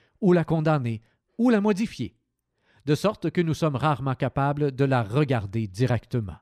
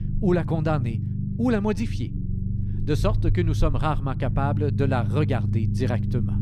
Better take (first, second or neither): first